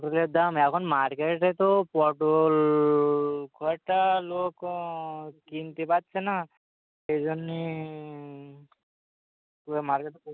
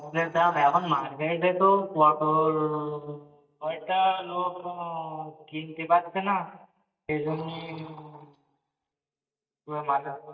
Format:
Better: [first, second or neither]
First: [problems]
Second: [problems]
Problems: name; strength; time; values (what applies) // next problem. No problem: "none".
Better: first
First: none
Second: noise reduction (neural mask model DeepFilterNet 3)